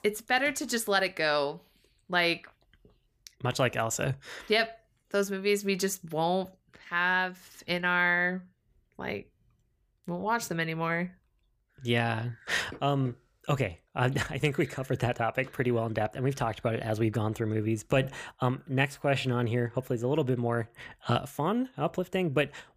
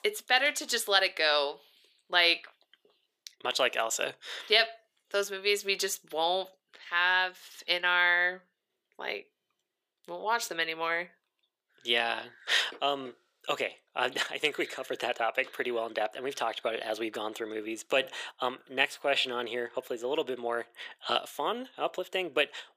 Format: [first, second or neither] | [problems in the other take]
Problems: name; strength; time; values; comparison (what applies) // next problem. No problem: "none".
first | thin; very; fading below 400 Hz